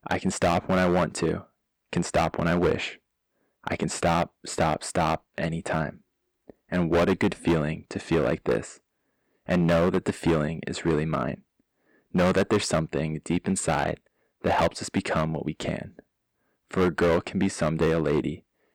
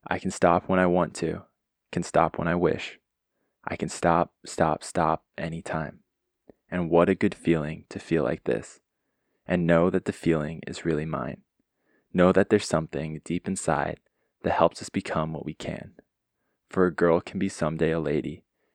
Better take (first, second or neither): second